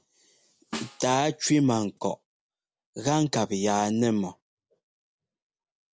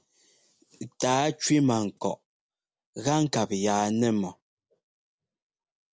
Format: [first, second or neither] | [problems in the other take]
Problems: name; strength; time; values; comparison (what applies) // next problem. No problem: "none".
second | background sound (Snare drum); 14 dB below the speech